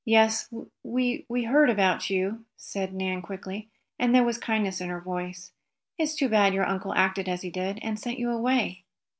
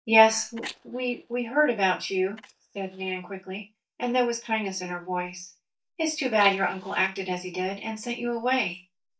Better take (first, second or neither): first